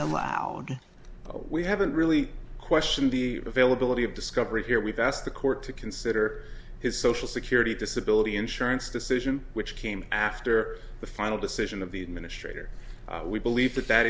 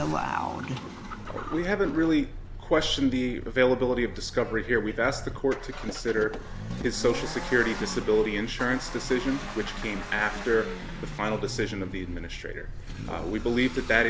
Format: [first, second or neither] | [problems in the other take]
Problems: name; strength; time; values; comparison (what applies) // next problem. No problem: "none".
first | background sound (Accelerating, revving, vroom); 12 dB below the speech